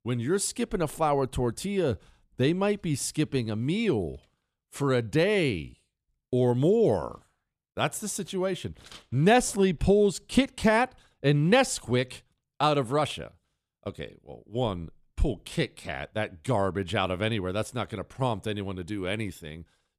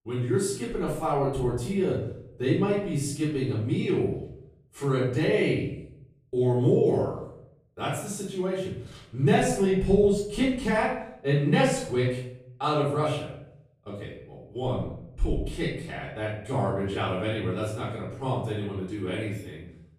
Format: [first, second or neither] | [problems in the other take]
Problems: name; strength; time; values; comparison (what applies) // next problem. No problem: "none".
first | off-mic speech; far // room echo; noticeable; dies away in 0.6 s